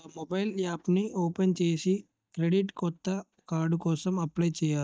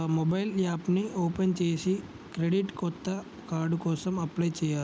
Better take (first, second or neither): second